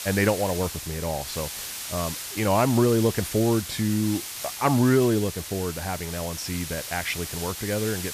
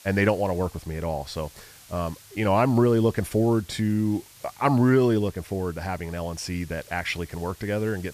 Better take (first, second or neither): second